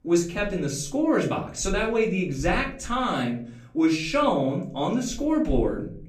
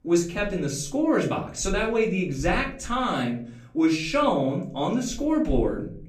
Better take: neither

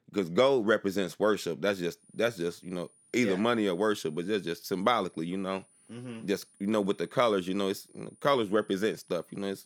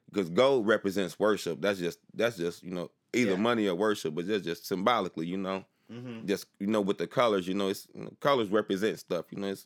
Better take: second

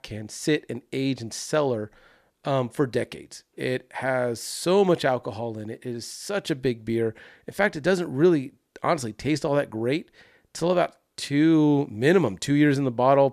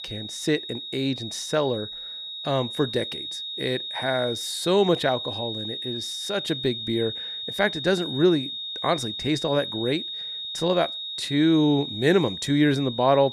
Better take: first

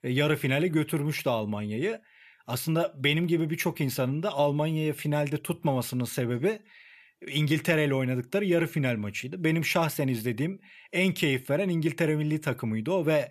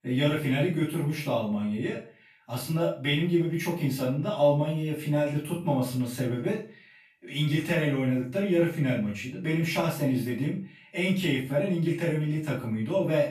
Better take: first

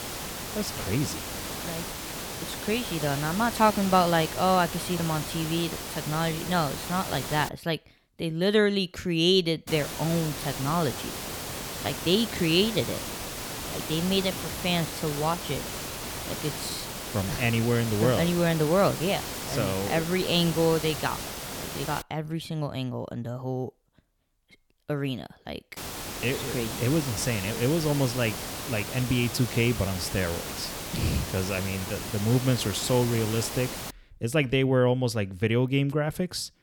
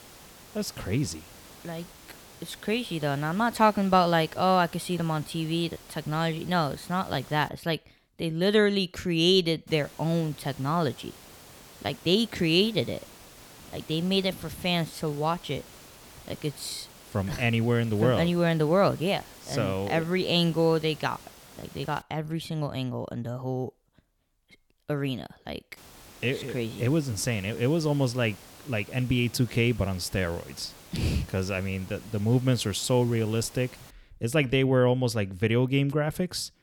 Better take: second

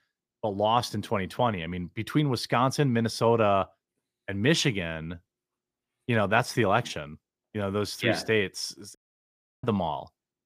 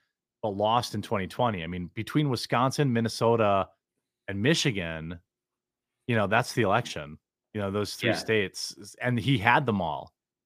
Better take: second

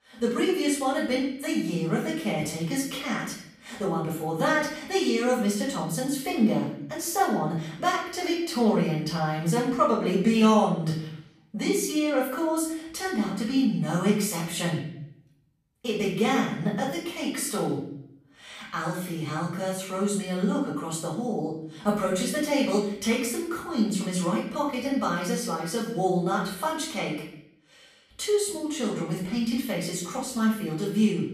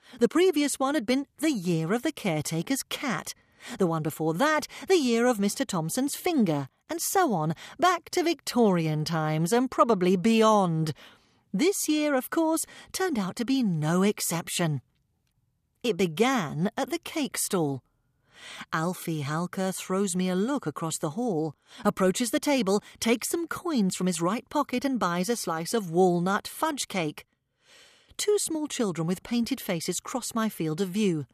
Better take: second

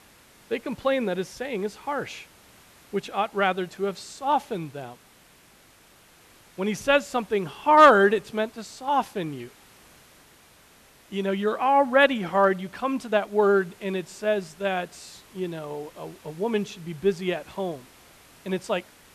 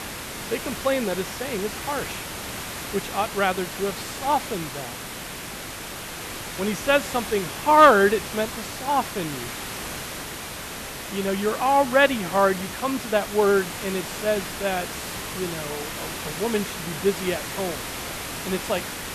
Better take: first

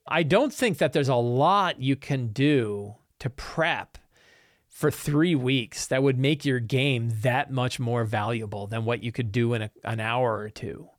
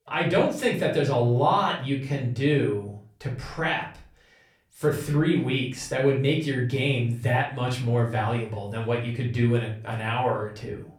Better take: first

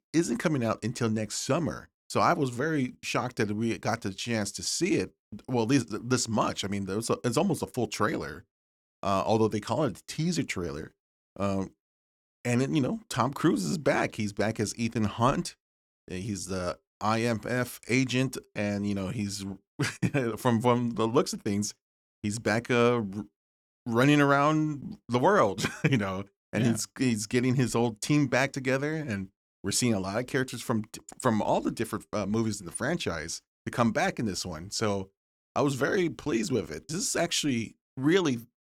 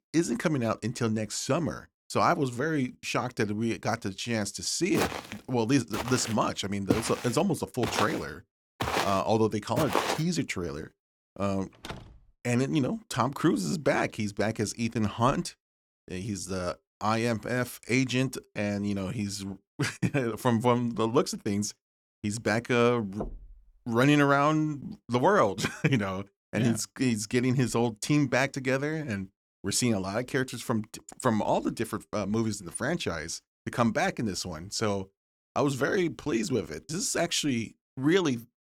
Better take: first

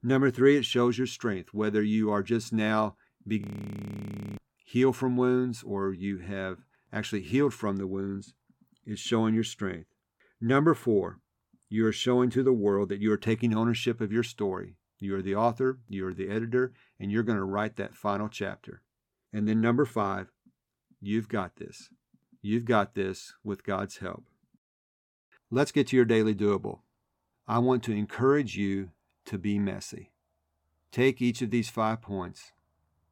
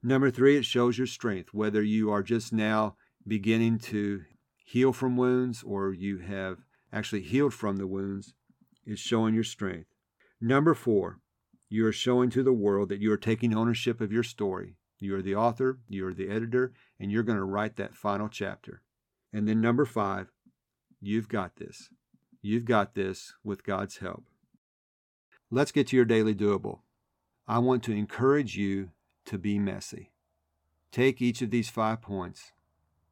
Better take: second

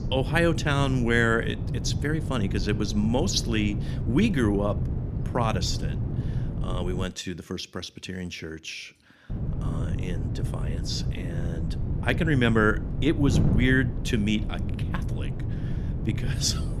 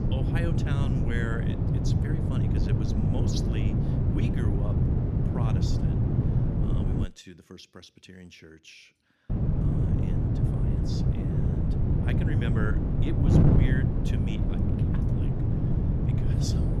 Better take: first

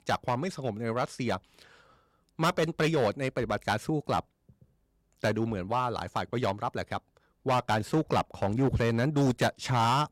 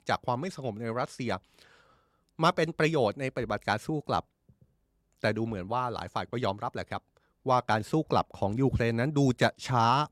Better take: second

